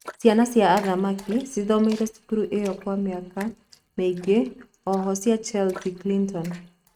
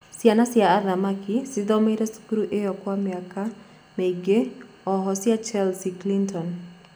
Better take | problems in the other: second | noise reduction (neural mask model RNNoise)

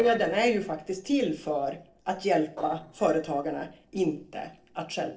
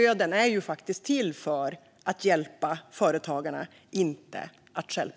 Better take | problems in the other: second | noise reduction (neural separator model SepFormer DNS4)

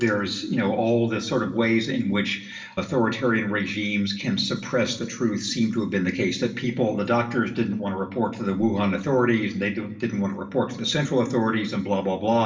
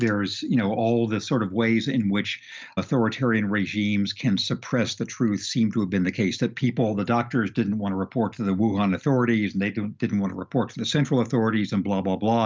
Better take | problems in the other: second | room echo; dies away in 0.6 s

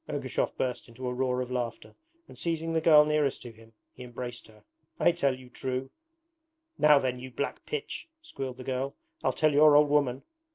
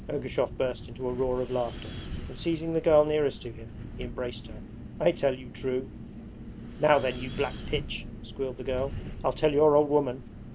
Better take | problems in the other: first | background sound (Wind); 11 dB below the speech

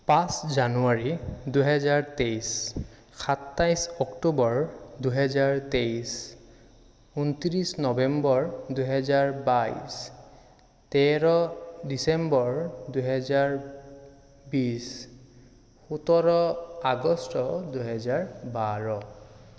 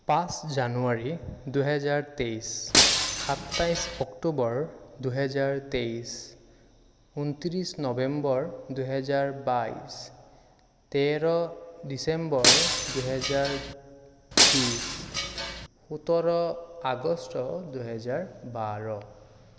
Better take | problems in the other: first | background sound (Shatter); 5 dB above the speech

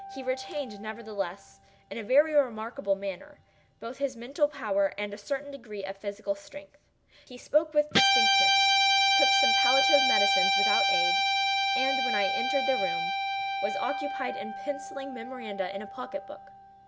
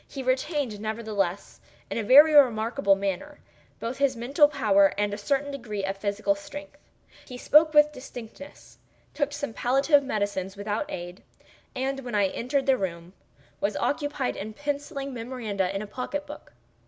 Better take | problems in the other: second | background sound (Guitar); 3 dB above the speech

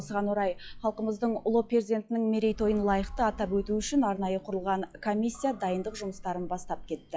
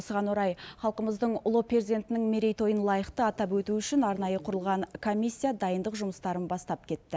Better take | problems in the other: second | noise reduction (classical method log-MMSE)

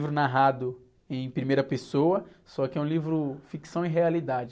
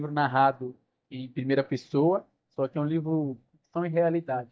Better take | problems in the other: first | noise reduction (neural mask model DeepFilterNet 3)

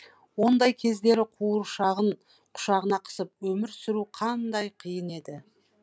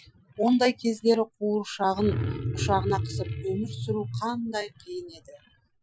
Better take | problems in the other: first | noise reduction (classical method Wiener filter)

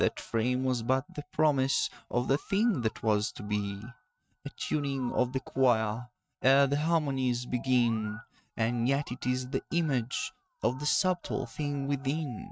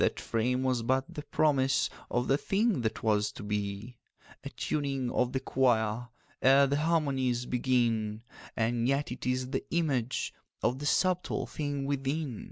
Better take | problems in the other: second | noise reduction (neural mask model RNNoise)

